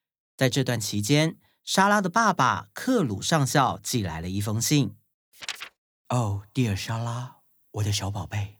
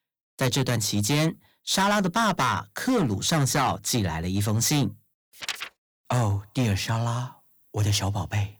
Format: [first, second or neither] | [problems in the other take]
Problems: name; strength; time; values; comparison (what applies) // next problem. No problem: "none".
first | distortion; heavy; 9% of the sound clipped